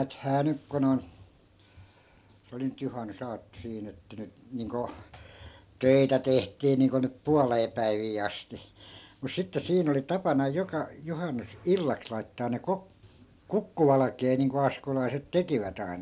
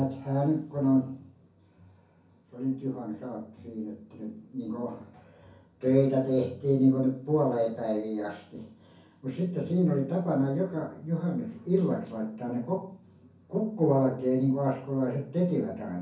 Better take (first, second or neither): first